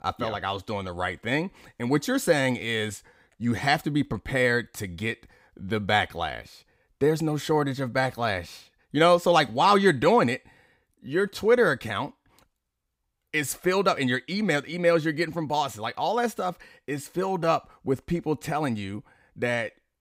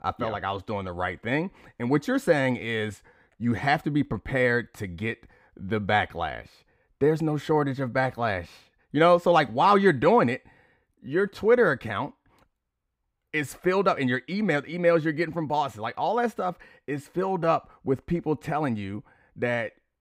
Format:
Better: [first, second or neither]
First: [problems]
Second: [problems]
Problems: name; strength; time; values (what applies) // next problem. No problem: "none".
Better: first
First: none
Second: muffled; slightly; fading above 3 kHz